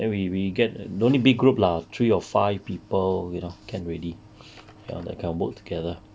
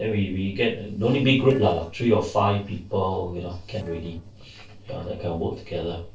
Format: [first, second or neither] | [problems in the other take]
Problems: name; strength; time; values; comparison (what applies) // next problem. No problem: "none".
first | noise reduction (neural separator model SepFormer DNS4)